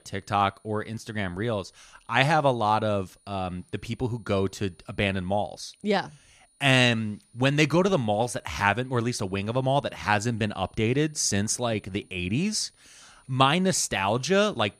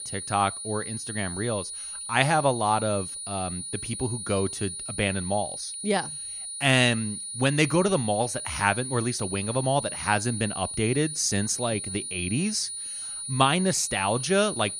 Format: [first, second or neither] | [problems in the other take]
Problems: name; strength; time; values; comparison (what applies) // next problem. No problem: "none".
first | high-pitched whine; loud; throughout; 9.5 kHz, 6 dB below the speech; faint in the first